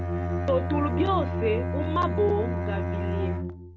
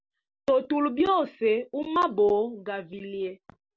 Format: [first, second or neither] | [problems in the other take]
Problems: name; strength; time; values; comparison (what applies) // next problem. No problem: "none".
second | background sound (Bowed string instrument); 1 dB above the speech